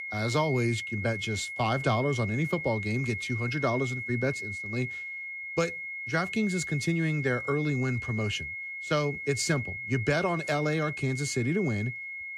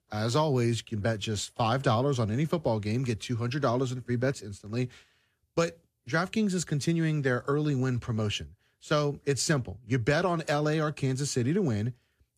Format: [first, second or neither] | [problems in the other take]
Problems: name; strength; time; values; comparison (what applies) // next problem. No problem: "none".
second | high-pitched whine; loud; throughout; 2 kHz, 5 dB below the speech